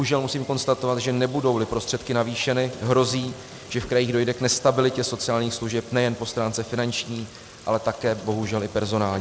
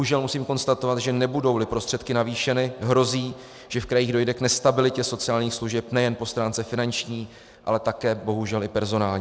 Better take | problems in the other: second | background sound (Fill (with liquid) / Trickle, dribble / Sink (filling or washing) + Squeak); 19 dB below the speech

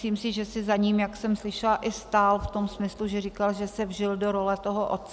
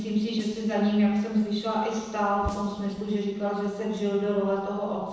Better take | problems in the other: first | noise reduction (neural separator model SepFormer DNS4)

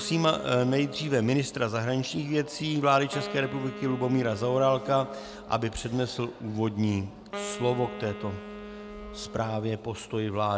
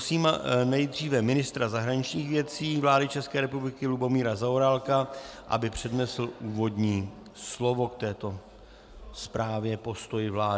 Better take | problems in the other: second | background sound (Wind instrument, woodwind instrument); 14 dB below the speech

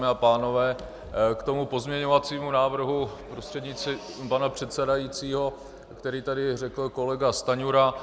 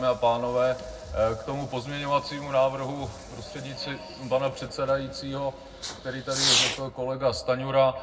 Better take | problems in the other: first | background sound (Fireworks); 7 dB below the speech // room echo; dies away in 0.3 s

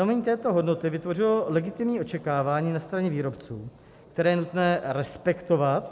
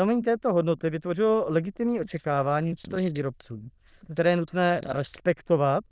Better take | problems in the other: first | noise reduction (neural diffusion model UNIVERSE++)

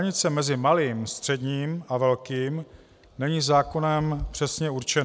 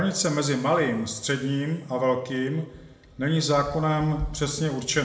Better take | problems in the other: first | room echo; dies away in 1 s

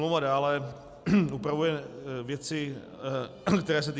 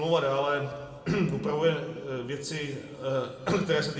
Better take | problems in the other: first | room echo; dies away in 1.7 s

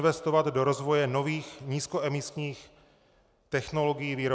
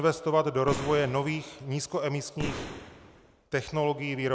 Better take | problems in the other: first | background sound (Boom); 9 dB below the speech

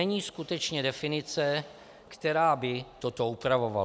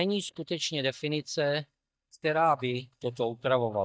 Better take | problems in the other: first | noise reduction (neural mask model DeepFilterNet 3)

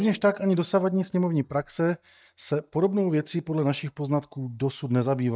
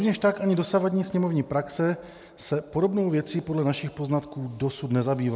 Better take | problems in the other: second | noise reduction (neural mask model DeepFilterNet 3)

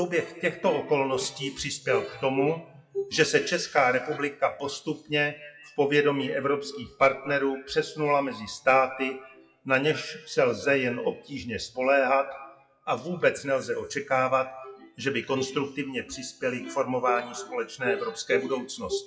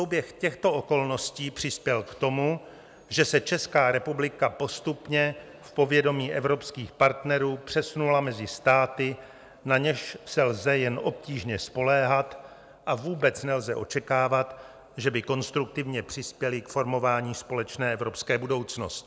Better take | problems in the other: second | noise reduction (classical method WPE with log-MMSE)

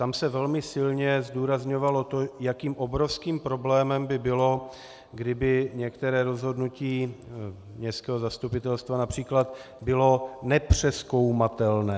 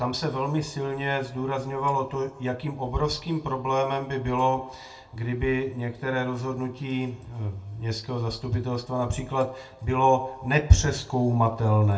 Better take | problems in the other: first | room echo; dies away in 0.2 s

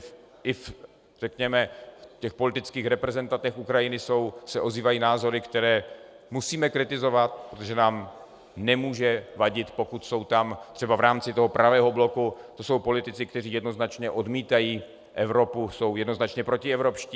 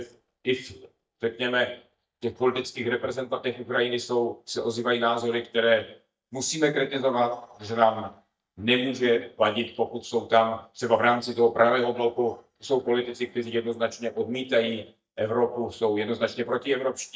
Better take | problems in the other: first | noise reduction (neural mask model DeepFilterNet 3)

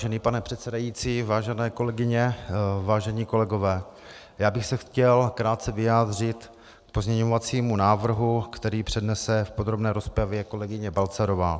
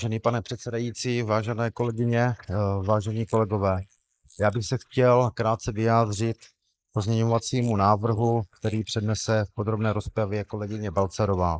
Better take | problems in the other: first | noise reduction (neural mask model Resemble Enhance denoiser)

